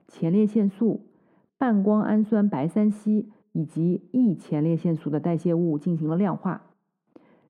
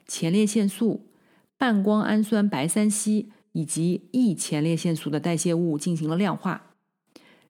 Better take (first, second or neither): second